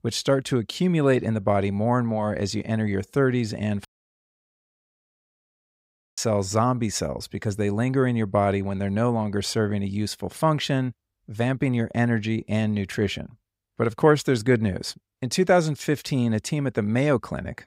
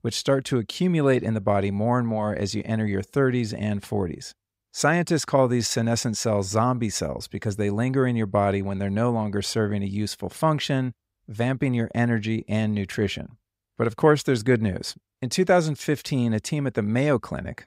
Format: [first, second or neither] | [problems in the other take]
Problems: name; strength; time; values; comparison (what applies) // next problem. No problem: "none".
second | audio cutting out; at 4 s for 2.5 s